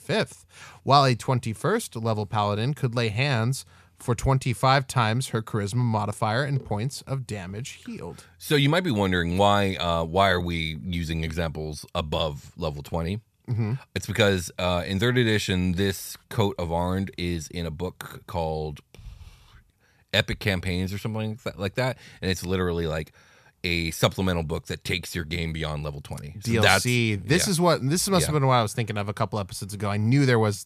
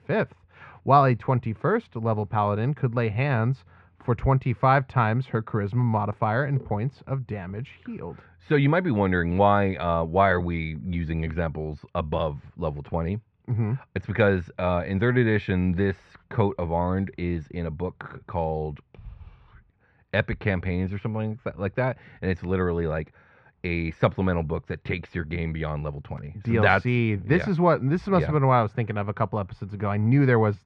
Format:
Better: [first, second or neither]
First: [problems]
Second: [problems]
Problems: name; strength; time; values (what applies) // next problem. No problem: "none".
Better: first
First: none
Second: muffled; very; fading above 2 kHz